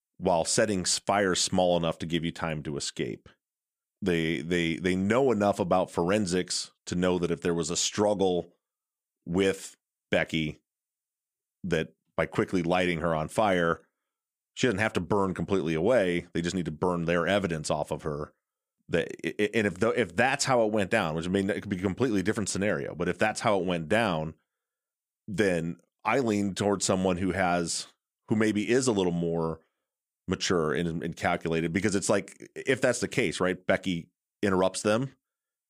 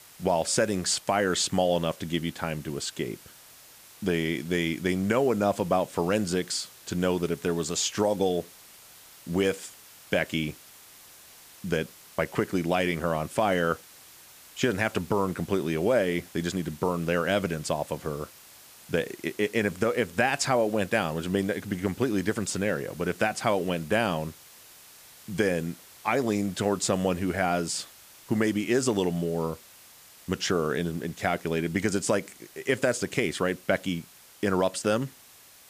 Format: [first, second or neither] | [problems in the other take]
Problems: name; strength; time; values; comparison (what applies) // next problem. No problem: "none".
first | hiss; faint; throughout; 20 dB below the speech